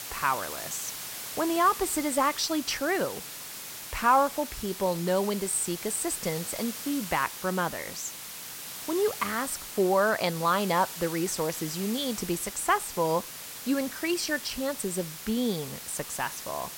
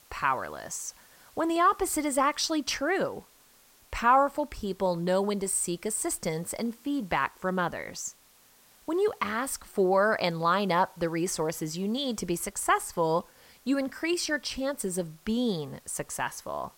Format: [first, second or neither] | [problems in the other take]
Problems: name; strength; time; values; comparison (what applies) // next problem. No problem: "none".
second | hiss; loud; throughout; 8 dB below the speech; faint in the second